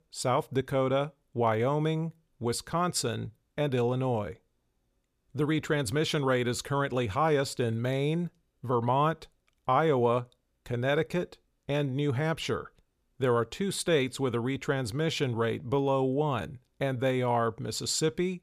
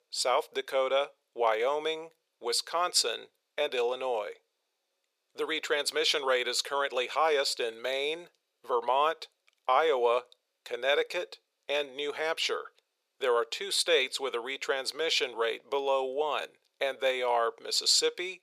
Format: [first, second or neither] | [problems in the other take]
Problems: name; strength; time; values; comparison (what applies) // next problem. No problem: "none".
first | thin; very; fading below 450 Hz